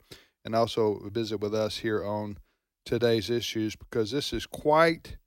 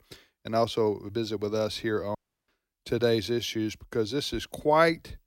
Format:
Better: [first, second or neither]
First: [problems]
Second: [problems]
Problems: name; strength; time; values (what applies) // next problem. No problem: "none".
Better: first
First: none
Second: audio cutting out; at 2 s